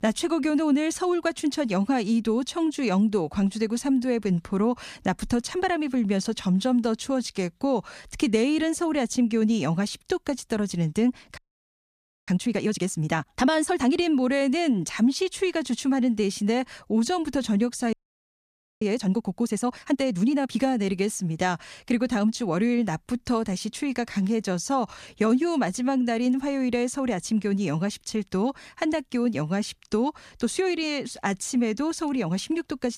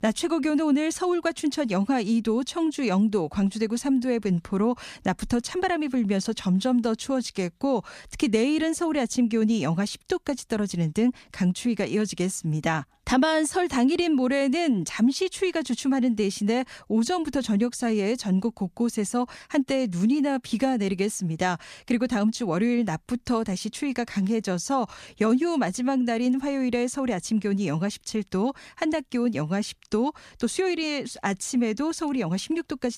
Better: second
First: audio freezing; at 11 s for 1 s and at 18 s for 1 s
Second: none

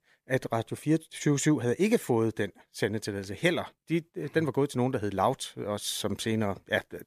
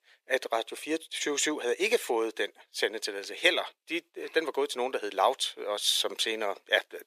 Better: first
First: none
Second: thin; very; fading below 400 Hz

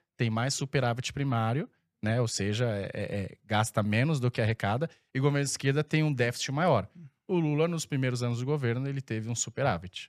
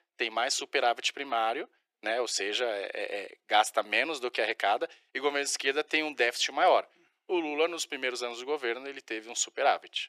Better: first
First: none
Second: thin; very; fading below 350 Hz

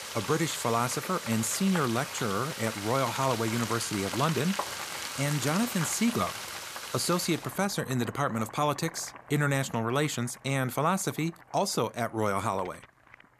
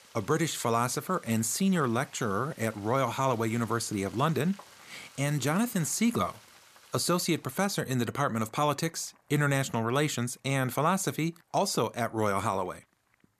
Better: second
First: household noises; loud; throughout; 7 dB below the speech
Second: household noises; faint; throughout; 25 dB below the speech

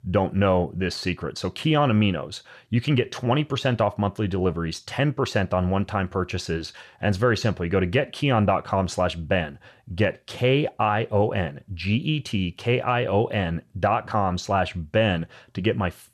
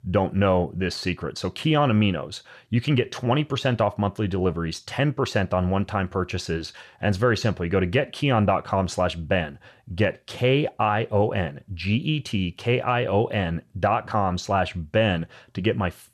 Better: neither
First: none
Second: none

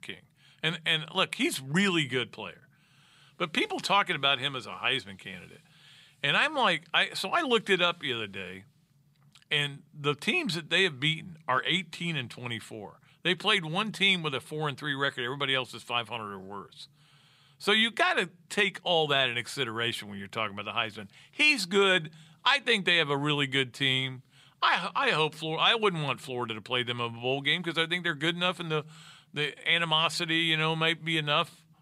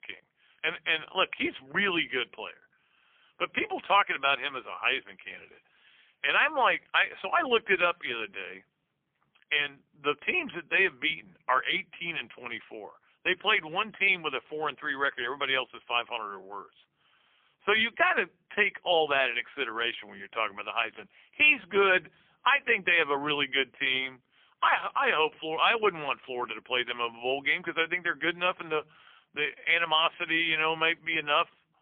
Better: first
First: none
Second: phone-call audio; poor line; nothing above 3.5 kHz

